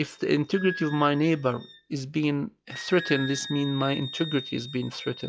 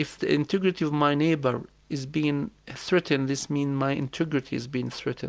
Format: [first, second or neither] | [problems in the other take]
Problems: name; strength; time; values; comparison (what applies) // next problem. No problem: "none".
second | noise reduction (classical method log-MMSE)